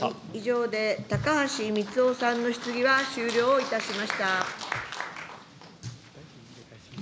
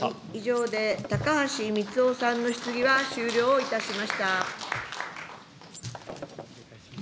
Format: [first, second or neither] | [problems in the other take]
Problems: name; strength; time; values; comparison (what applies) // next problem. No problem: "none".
first | background sound (Shatter); 17 dB below the speech